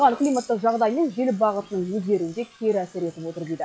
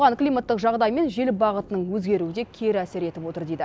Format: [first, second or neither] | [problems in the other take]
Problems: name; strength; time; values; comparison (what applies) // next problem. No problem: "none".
second | noise reduction (classical method log-MMSE)